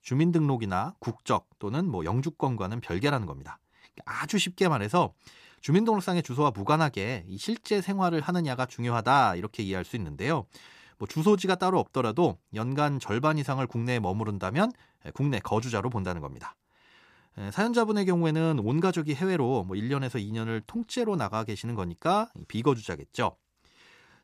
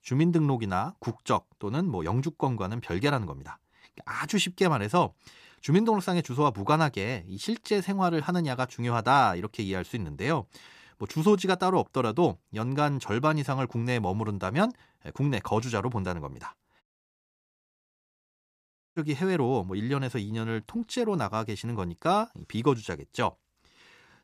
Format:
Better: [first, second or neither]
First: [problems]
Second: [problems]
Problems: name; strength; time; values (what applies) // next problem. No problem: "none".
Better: first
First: none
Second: audio cutting out; at 17 s for 2 s